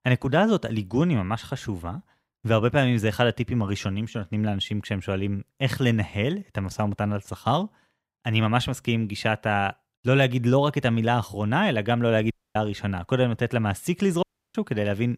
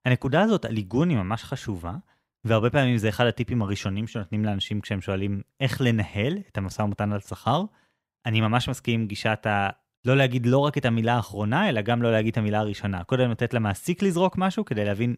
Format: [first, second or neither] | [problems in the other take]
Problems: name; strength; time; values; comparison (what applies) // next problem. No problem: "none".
second | audio cutting out; at 12 s and at 14 s